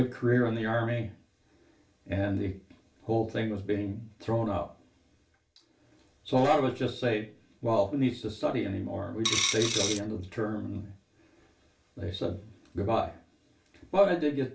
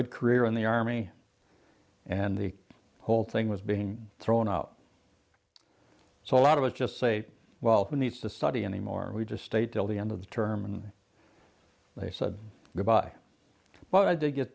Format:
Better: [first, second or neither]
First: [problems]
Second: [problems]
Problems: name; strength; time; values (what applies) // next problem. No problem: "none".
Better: second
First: background sound (Coin (dropping)); 1 dB above the speech // room echo; dies away in 0.3 s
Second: none